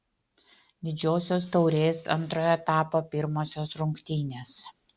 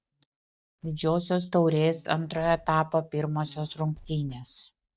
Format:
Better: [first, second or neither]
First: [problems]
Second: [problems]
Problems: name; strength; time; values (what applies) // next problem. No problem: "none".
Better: first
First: none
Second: noise reduction (neural mask model DeepFilterNet 3)